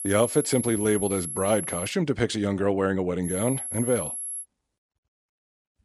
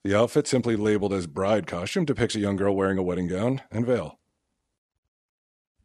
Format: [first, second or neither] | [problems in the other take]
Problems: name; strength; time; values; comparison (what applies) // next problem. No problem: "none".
second | high-pitched whine; loud; until 2 s and from 3.5 to 4.5 s; 11 kHz, 6 dB below the speech